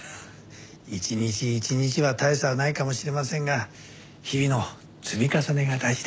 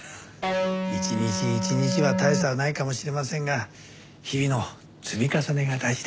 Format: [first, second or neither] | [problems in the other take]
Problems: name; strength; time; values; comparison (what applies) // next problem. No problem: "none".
first | background sound (Electric guitar); 1 dB above the speech